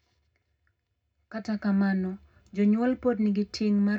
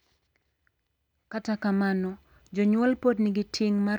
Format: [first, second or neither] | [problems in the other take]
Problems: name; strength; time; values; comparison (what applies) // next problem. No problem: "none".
second | room echo; dies away in 0.2 s